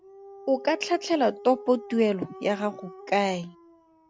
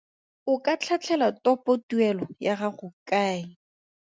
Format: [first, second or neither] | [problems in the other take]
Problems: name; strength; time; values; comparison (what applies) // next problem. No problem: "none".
second | background sound (Dog); 17 dB below the speech